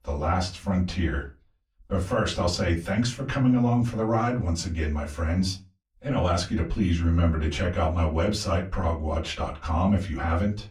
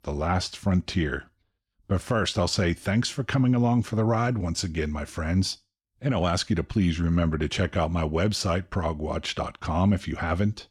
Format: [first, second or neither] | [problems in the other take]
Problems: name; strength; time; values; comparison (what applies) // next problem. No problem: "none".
second | off-mic speech; far // room echo; very slight; dies away in 0.2 s